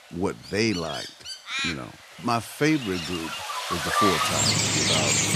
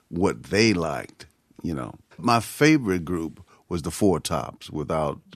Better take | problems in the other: second | animal sounds; very loud; throughout; 4 dB above the speech

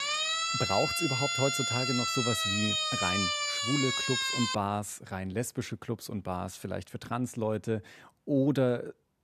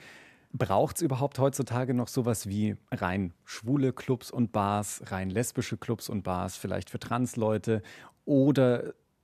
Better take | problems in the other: second | siren; loud; until 4.5 s; peak 5 dB above the speech

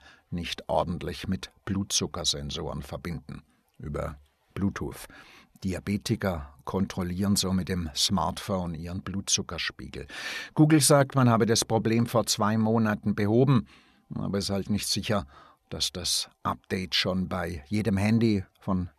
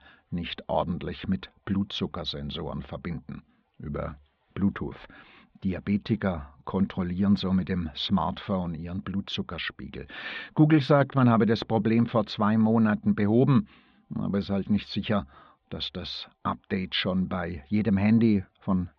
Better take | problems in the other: first | muffled; slightly; fading above 3.5 kHz

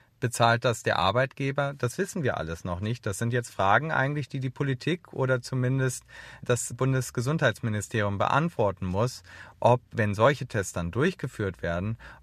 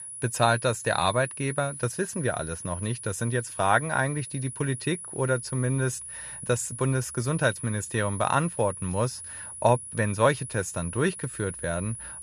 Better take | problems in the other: first | high-pitched whine; loud; throughout; 10.5 kHz, 9 dB below the speech

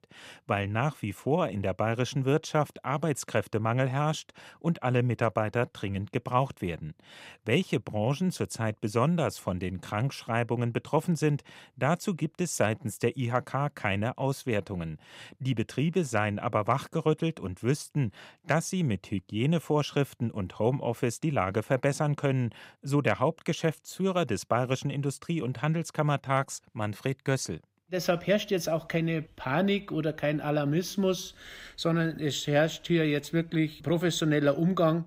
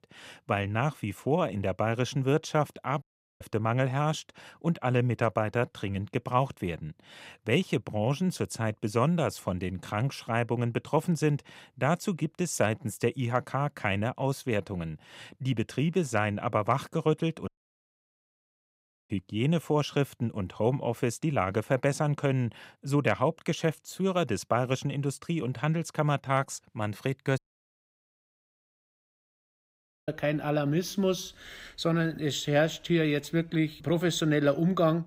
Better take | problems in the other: first | audio cutting out; at 3 s, at 17 s for 1.5 s and at 27 s for 2.5 s

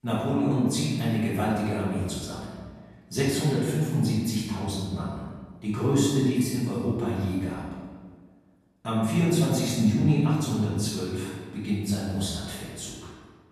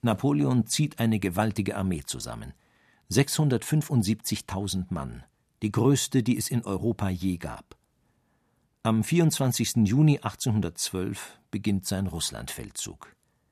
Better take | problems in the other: second | off-mic speech; far // room echo; strong; dies away in 1.3 s

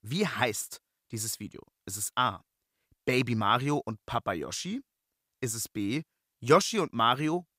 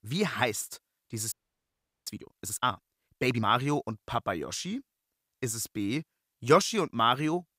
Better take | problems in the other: first | audio freezing; at 1.5 s for 0.5 s

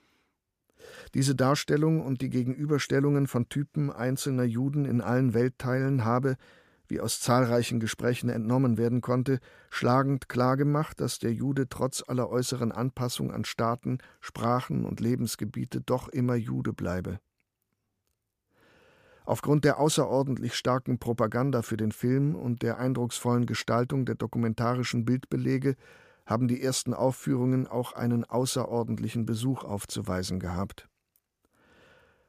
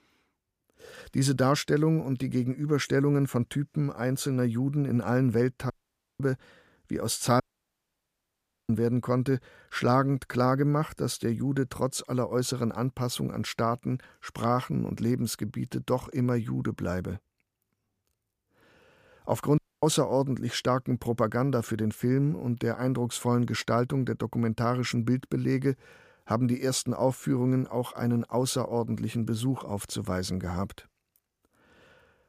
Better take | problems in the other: first | audio cutting out; at 5.5 s for 0.5 s, at 7.5 s for 1.5 s and at 20 s

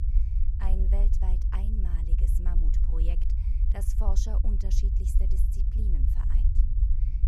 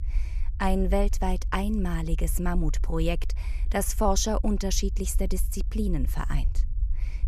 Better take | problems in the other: second | low rumble; loud; throughout; 2 dB below the speech; faint in the second

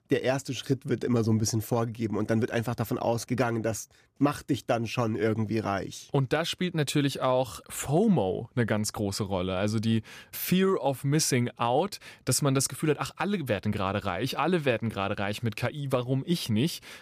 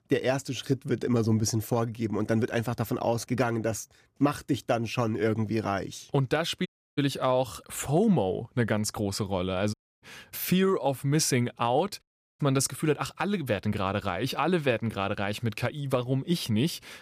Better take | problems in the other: first | audio cutting out; at 6.5 s, at 9.5 s and at 12 s

